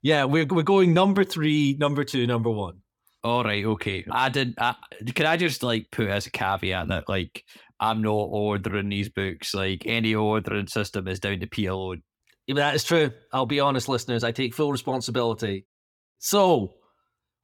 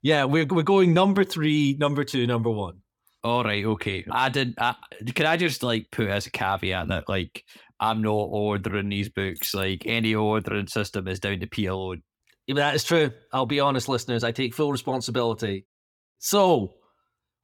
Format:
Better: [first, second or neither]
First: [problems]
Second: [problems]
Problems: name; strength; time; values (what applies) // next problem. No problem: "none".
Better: first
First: none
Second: jangling keys; noticeable; at 9.5 s; peak 8 dB below the speech